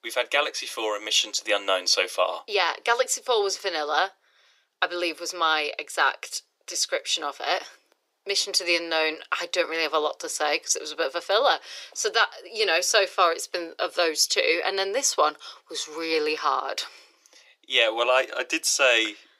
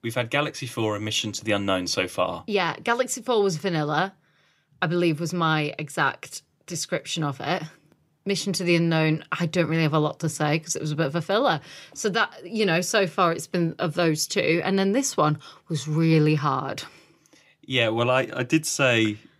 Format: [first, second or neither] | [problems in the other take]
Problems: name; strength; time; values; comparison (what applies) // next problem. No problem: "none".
second | thin; very; fading below 450 Hz